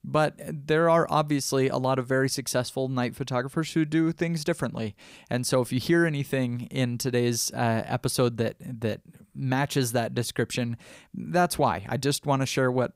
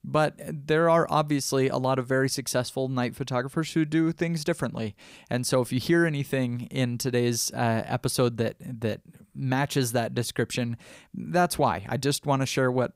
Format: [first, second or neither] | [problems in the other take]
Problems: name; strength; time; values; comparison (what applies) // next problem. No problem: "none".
neither | none